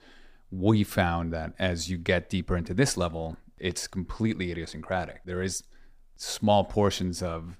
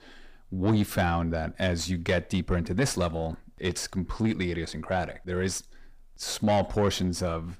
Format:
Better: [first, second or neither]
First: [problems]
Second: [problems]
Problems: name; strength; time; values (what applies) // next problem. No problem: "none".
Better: first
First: none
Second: distortion; slight; 10 dB below the speech